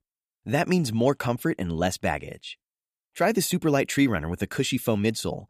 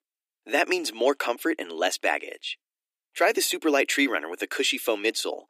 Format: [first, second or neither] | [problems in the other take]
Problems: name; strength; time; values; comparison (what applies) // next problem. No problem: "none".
first | thin; somewhat; fading below 300 Hz